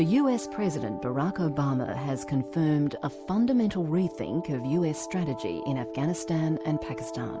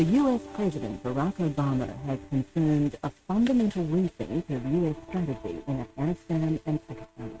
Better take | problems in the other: first | noise reduction (neural mask model RNNoise)

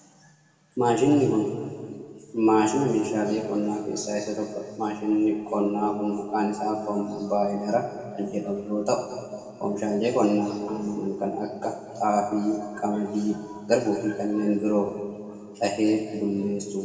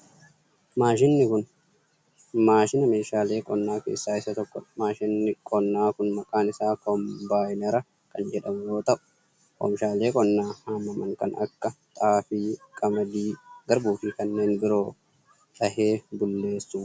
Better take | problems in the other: second | room echo; dies away in 2 s

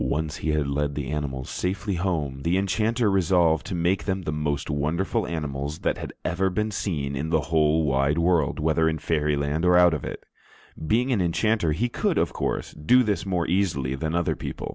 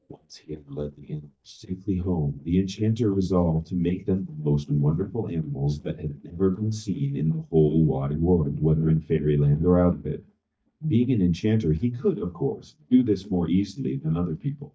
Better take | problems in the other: first | noise reduction (neural mask model DeepFilterNet 3)

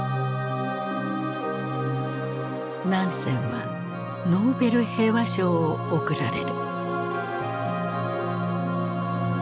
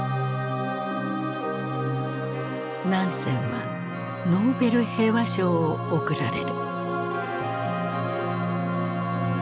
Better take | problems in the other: first | background sound (Wind instrument, woodwind instrument); 18 dB below the speech

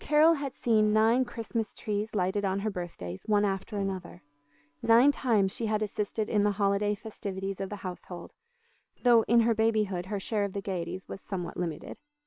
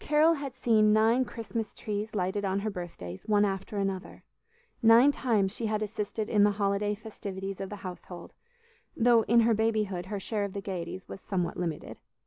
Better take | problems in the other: second | noise reduction (neural separator model SepFormer WHAM!)

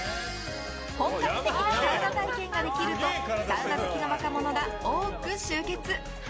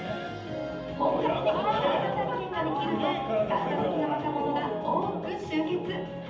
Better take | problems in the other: first | room echo; dies away in 0.8 s

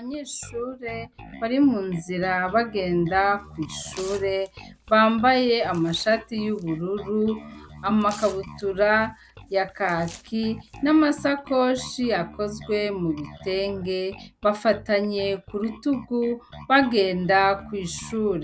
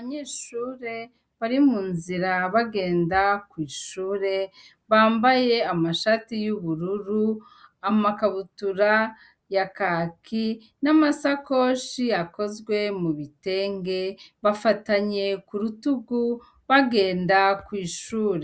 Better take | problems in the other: second | background sound (Bass guitar + Tearing); 18 dB below the speech

